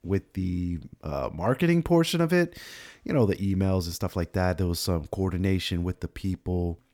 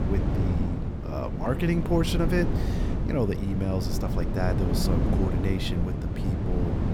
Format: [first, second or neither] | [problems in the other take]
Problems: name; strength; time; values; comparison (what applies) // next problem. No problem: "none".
first | wind noise on the microphone; heavy; 3 dB below the speech